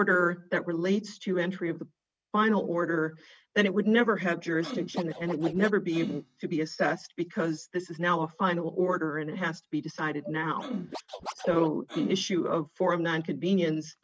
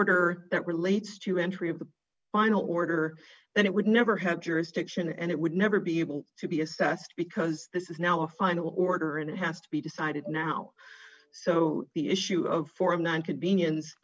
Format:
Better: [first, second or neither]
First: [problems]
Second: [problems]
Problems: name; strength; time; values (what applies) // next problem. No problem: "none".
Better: second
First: noise reduction (neural mask model RNNoise)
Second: none